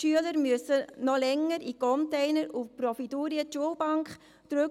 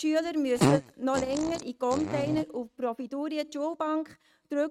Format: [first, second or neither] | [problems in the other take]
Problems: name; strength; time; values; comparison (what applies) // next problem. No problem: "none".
first | noise reduction (neural mask model RNNoise)